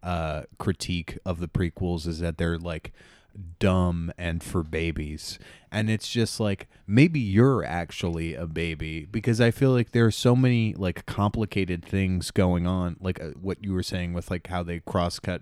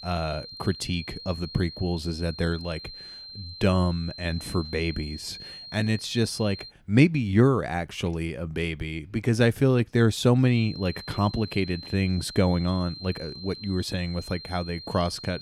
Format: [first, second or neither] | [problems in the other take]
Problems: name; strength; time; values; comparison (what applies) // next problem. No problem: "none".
first | high-pitched whine; noticeable; until 6.5 s and from 11 s on; 4 kHz, 15 dB below the speech